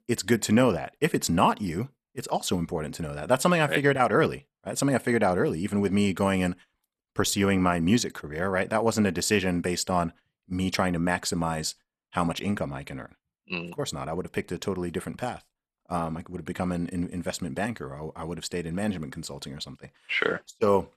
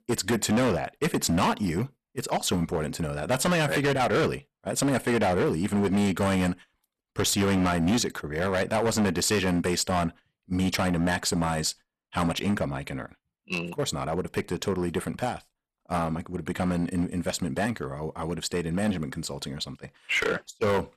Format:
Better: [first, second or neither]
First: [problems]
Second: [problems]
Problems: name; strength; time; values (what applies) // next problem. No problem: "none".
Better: first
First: none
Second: distortion; heavy; 11% of the sound clipped